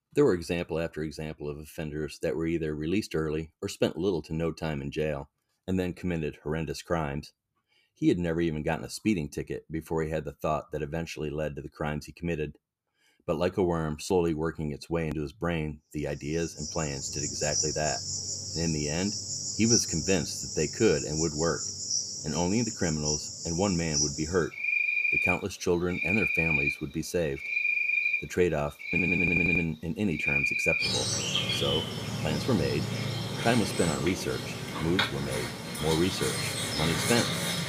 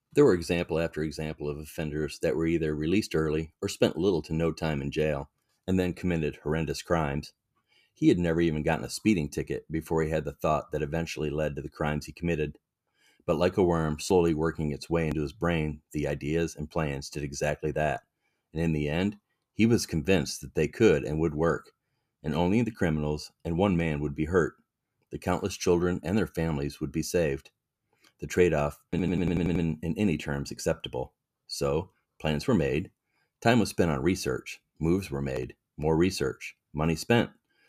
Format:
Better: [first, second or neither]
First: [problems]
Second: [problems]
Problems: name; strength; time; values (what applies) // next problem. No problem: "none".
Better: second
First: animal sounds; very loud; from 16 s on; 2 dB above the speech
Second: none